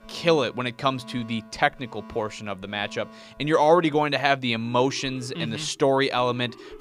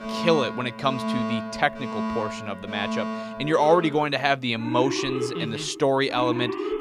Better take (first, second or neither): first